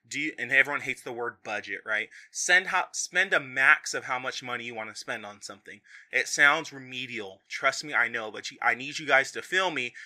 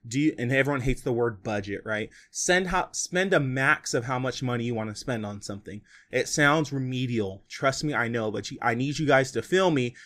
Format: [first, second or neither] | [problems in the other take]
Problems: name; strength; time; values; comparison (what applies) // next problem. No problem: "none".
second | thin; very; fading below 1 kHz